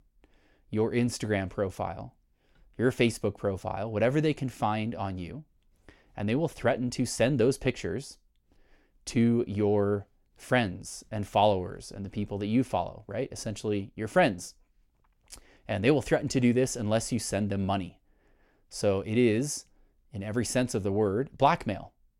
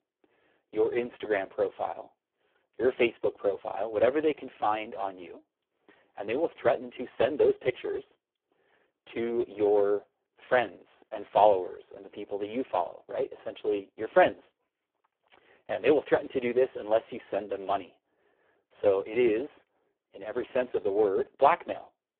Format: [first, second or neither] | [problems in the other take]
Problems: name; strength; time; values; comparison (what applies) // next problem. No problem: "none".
first | phone-call audio; poor line